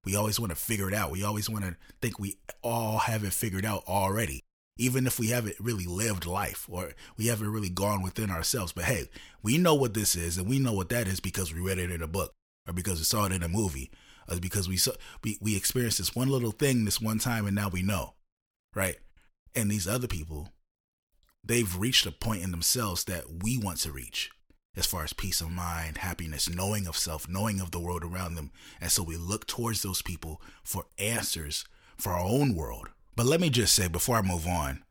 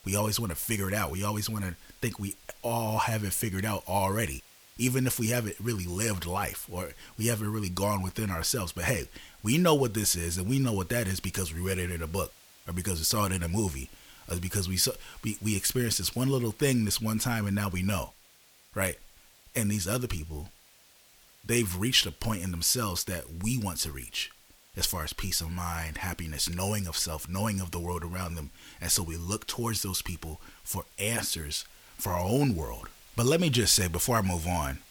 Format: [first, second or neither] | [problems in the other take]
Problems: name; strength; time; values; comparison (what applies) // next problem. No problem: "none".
first | hiss; faint; throughout; 25 dB below the speech